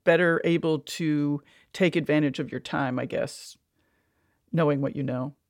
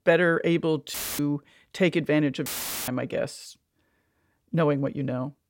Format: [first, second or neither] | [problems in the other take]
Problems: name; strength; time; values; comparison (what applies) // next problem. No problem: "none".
first | audio cutting out; filled with static; at 1 s and at 2.5 s